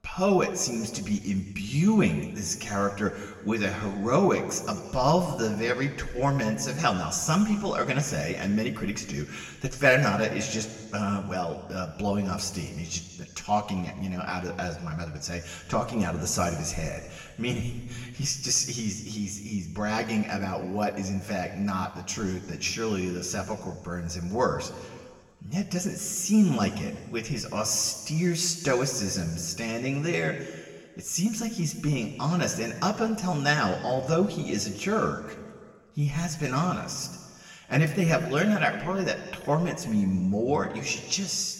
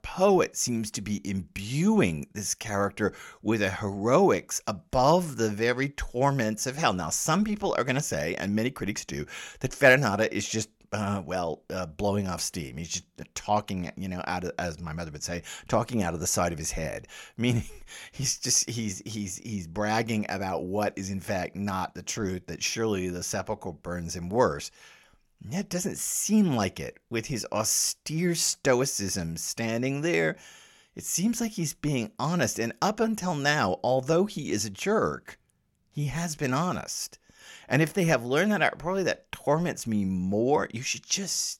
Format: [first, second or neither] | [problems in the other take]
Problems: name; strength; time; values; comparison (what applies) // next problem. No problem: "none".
second | room echo; slight; dies away in 1.5 s // off-mic speech; somewhat distant